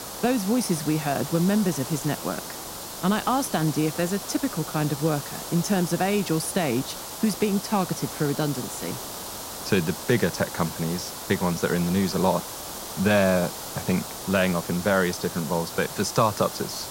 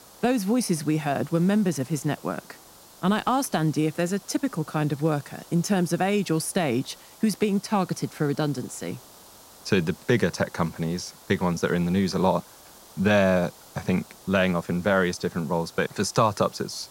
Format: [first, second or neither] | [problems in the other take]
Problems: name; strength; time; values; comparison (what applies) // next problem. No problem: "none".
second | hiss; loud; throughout; 8 dB below the speech; faint in the second